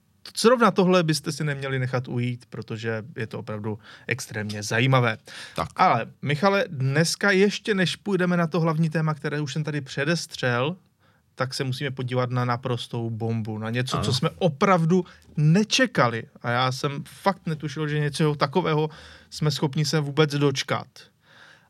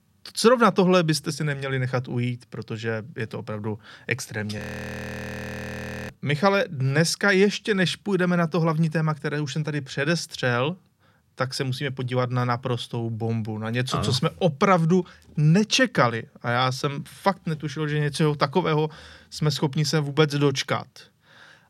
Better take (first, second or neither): first